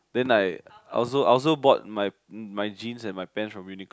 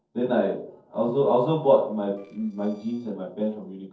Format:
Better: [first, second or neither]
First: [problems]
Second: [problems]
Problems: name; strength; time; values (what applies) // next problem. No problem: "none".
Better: first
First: none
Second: noise reduction (neural separator model SepFormer DNS4)